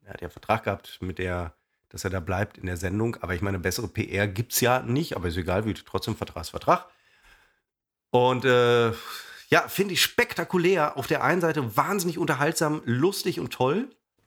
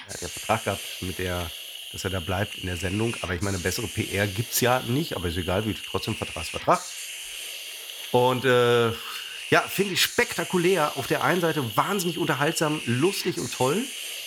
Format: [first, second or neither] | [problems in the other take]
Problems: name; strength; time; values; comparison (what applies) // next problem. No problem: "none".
first | hiss; loud; throughout; 8 dB below the speech